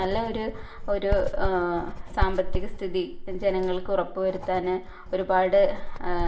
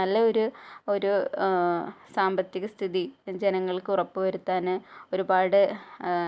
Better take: second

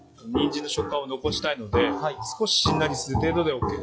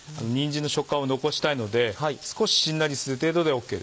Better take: second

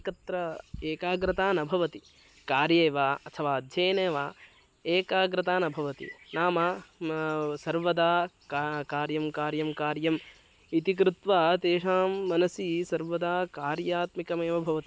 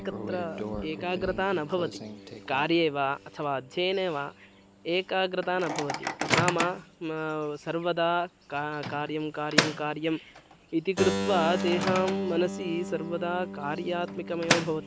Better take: first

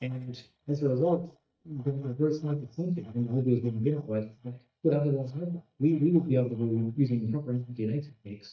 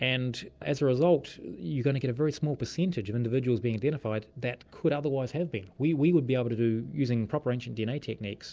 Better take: second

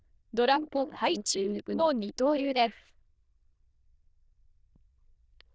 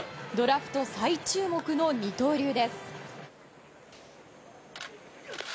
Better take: second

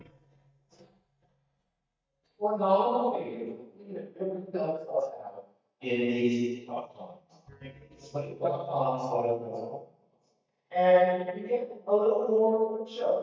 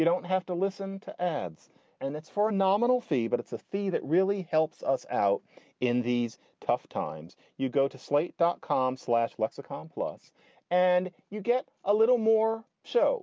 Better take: second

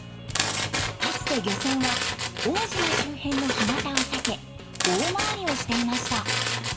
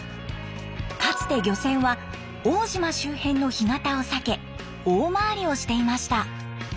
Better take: second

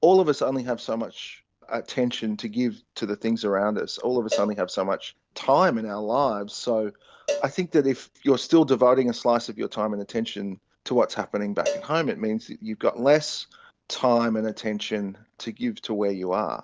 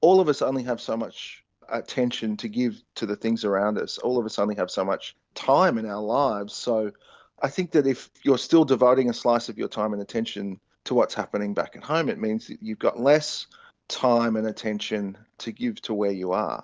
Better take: second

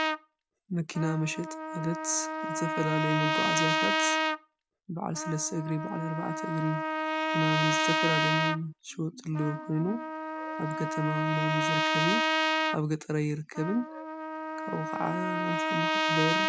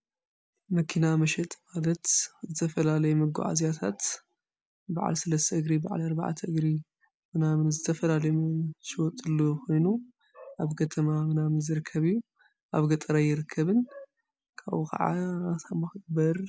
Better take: second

